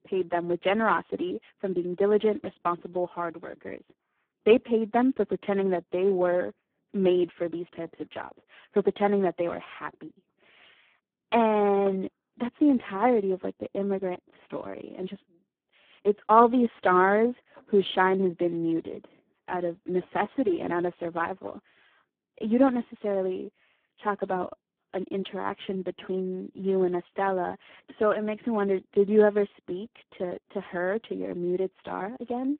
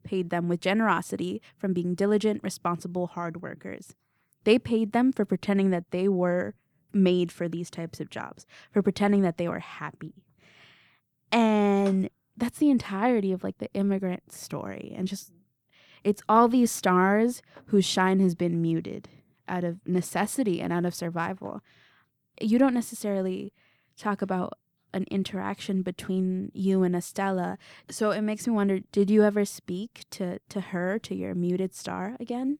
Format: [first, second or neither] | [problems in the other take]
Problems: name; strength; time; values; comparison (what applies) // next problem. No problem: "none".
second | phone-call audio; poor line